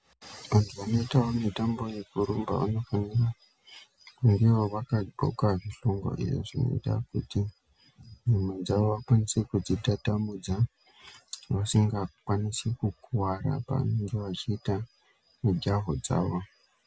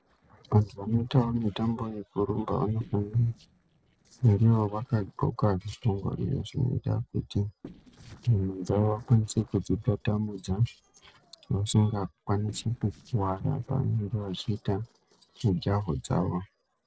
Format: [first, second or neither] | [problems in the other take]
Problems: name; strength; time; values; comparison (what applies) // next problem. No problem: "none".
first | noise reduction (neural separator model SepFormer DNS4)